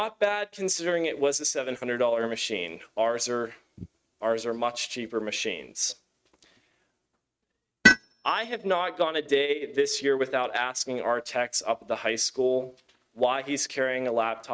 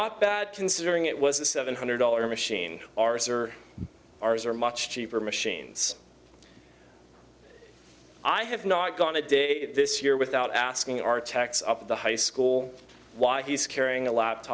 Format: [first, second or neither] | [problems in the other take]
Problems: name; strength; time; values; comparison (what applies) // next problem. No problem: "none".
second | noise reduction (neural mask model RNNoise)